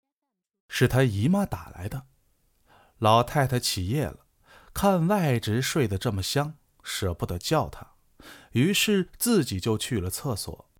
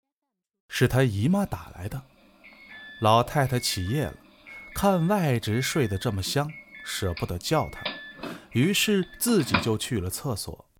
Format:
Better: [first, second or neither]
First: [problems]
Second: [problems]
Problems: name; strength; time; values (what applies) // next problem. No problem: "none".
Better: first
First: none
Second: doorbell; noticeable; from 7 to 9.5 s; peak 2 dB below the speech